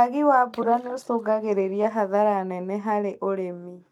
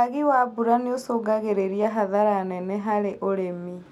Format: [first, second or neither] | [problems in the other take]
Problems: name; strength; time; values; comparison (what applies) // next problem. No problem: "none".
second | noise reduction (neural mask model DeepFilterNet 3)